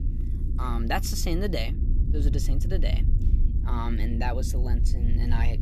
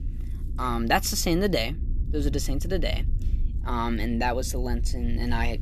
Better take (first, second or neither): second